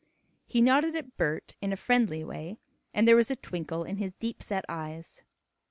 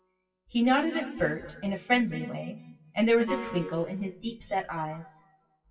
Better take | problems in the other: first | noise reduction (classical method WPE with log-MMSE)

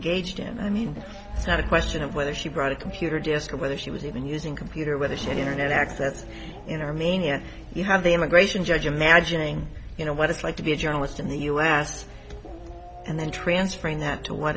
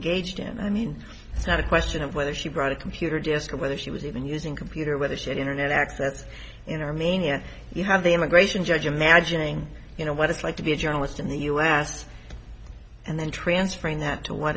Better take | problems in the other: second | background sound (Race car, auto racing / Accelerating, revving, vroom); 16 dB below the speech

